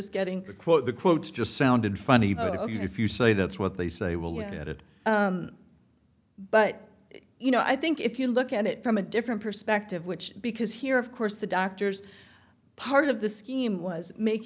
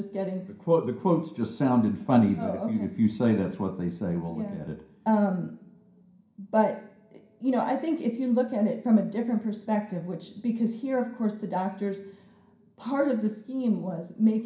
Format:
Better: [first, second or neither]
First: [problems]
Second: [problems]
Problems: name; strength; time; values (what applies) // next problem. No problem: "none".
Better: first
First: none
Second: room echo; dies away in 0.5 s